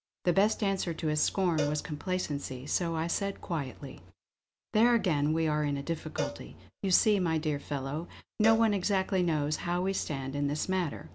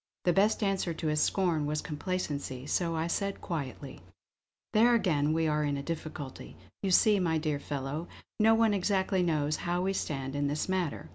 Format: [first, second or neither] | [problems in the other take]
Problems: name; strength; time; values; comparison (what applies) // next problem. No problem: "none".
second | background sound (Cowbell); 13 dB below the speech